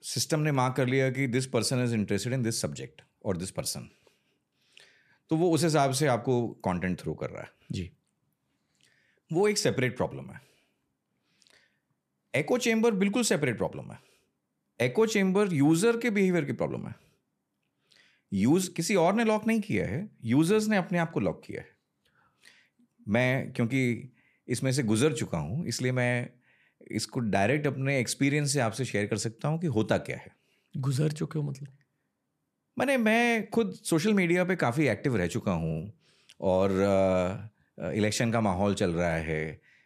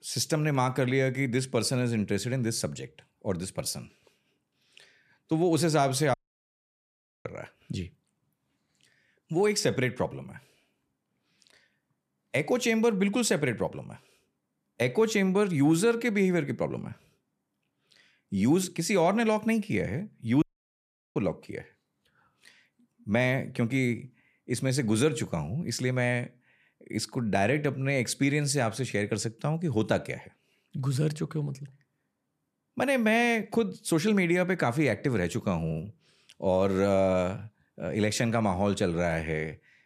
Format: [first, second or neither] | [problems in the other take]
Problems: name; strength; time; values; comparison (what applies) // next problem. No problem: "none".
first | audio cutting out; at 6 s for 1 s and at 20 s for 0.5 s